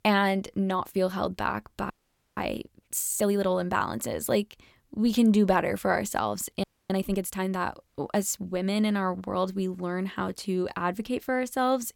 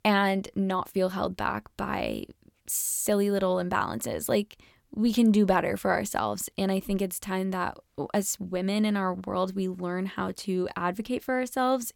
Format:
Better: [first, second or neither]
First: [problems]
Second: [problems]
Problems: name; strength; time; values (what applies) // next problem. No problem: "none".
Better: second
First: audio freezing; at 2 s and at 6.5 s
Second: none